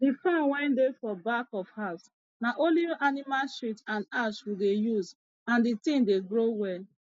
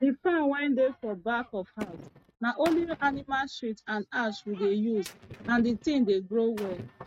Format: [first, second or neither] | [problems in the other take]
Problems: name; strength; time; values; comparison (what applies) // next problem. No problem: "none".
first | noise reduction (neural mask model RNNoise)